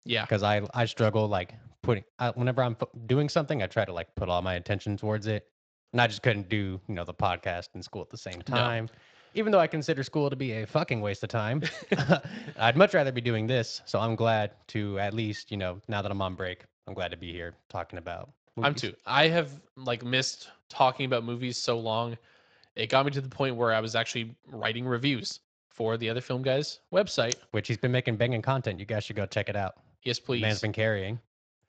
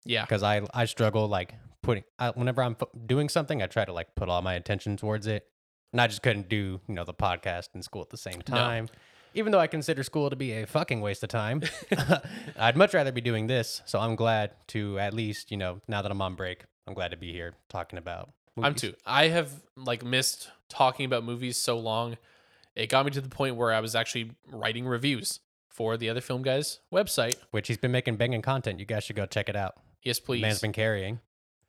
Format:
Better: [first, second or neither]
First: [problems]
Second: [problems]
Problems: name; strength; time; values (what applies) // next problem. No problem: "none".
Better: second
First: garbled, watery; slightly; nothing above 7.5 kHz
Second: none